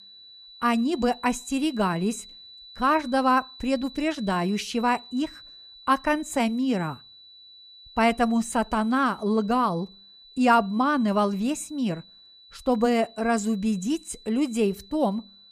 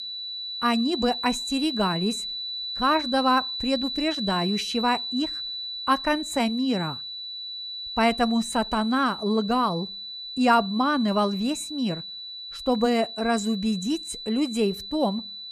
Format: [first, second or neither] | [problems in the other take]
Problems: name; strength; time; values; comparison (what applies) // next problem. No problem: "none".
first | high-pitched whine; loud; throughout; 4 kHz, 6 dB below the speech; faint in the first